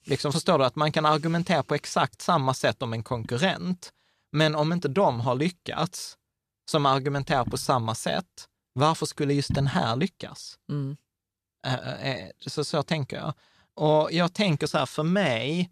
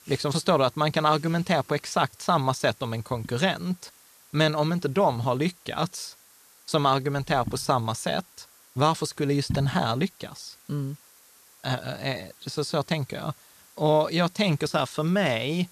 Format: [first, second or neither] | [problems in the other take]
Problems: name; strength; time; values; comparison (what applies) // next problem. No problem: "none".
first | hiss; faint; throughout; 25 dB below the speech